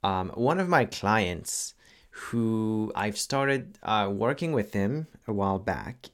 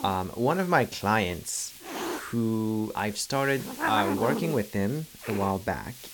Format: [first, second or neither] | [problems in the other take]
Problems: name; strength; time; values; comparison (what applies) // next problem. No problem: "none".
first | hiss; loud; throughout; 7 dB below the speech